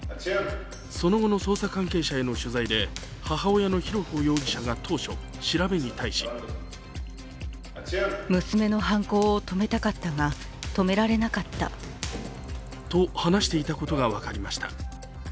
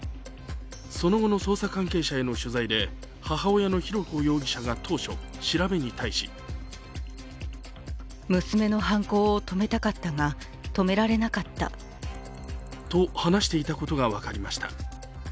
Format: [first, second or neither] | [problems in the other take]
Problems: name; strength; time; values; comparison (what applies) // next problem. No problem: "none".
second | background sound (Run); 12 dB below the speech